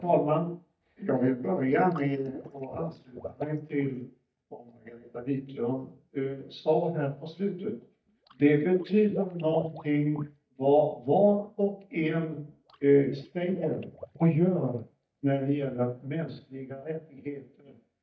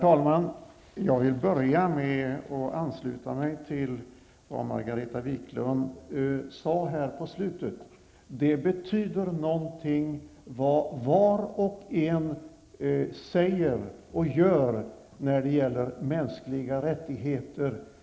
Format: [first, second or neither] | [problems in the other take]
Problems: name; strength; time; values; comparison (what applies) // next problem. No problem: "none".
second | noise reduction (neural mask model DeepFilterNet 3)